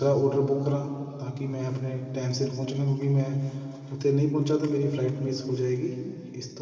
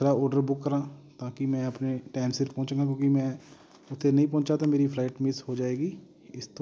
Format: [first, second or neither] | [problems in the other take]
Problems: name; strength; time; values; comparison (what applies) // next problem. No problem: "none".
second | room echo; dies away in 2.8 s